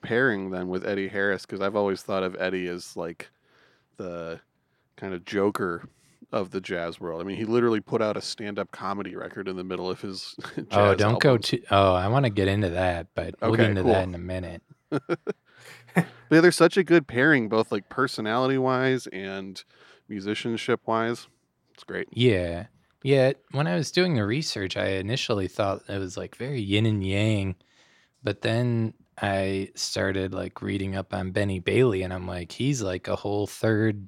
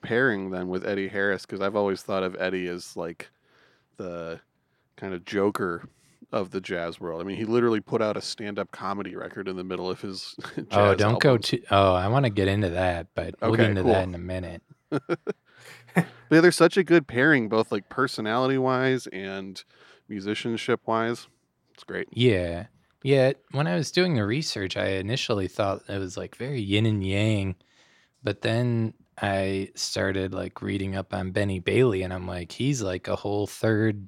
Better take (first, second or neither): neither